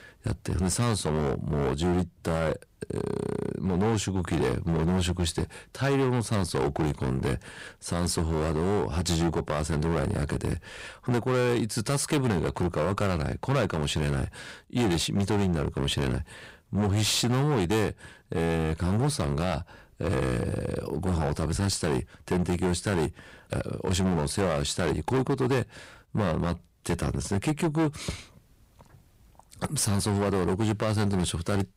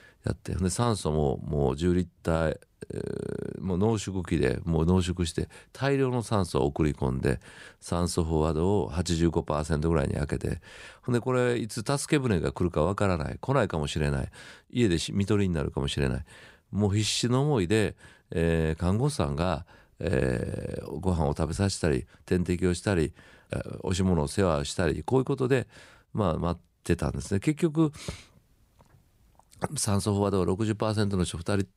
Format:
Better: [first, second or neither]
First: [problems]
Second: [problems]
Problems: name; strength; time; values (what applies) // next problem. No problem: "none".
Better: second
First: distortion; heavy; 17% of the sound clipped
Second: none